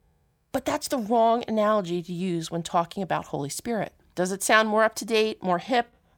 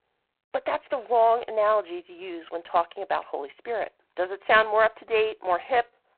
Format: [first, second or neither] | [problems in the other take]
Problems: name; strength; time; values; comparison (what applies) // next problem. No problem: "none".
first | phone-call audio; poor line; nothing above 3.5 kHz